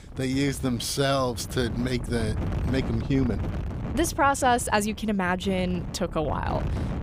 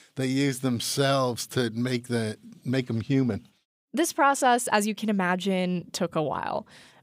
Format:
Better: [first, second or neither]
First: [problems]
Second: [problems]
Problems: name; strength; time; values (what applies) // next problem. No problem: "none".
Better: second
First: wind noise on the microphone; occasional gusts; 15 dB below the speech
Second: none